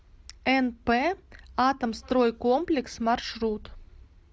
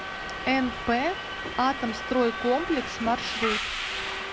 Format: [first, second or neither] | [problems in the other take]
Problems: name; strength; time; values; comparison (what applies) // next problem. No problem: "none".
first | background sound (Subway, metro, underground); 4 dB below the speech